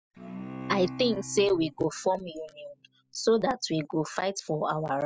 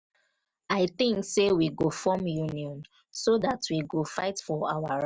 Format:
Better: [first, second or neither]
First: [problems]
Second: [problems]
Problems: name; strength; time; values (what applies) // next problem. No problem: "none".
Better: second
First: noise reduction (classical method spectral subtraction)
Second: none